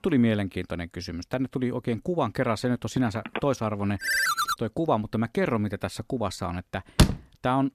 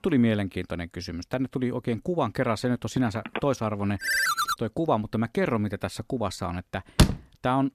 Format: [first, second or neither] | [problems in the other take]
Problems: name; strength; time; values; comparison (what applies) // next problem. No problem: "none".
neither | phone ringing; noticeable; at 3 s; peak 8 dB below the speech; the same in both // phone ringing; loud; at 4 s; peak 5 dB above the speech; the same in both // door banging; loud; at 7 s; peak 5 dB above the speech; the same in both